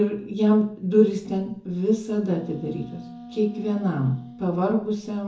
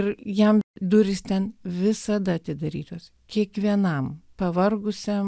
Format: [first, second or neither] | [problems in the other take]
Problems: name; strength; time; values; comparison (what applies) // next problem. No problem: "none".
second | background sound (Wind instrument, woodwind instrument); 18 dB below the speech // room echo; dies away in 0.6 s